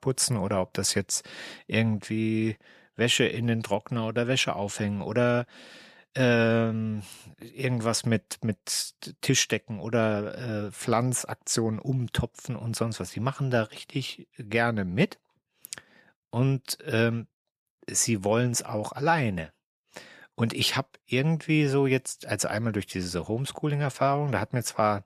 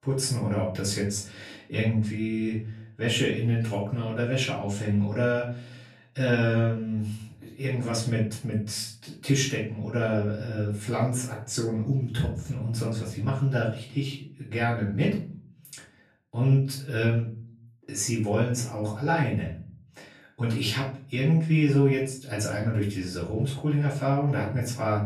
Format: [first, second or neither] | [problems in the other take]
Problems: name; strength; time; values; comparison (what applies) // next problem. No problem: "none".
first | off-mic speech; far // room echo; noticeable; dies away in 0.5 s